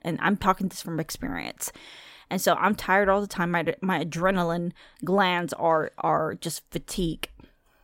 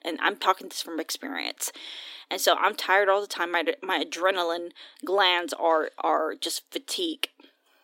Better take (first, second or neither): first